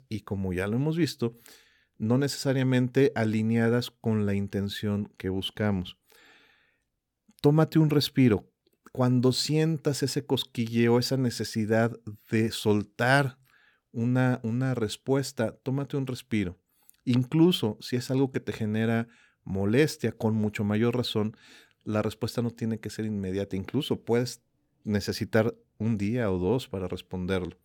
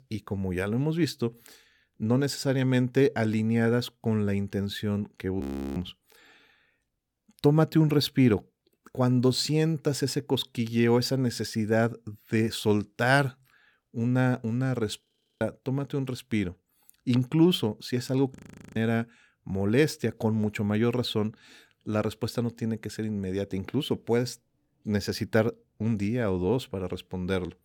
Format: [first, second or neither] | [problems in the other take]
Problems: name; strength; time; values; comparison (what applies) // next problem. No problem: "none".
first | audio freezing; at 5.5 s, at 15 s and at 18 s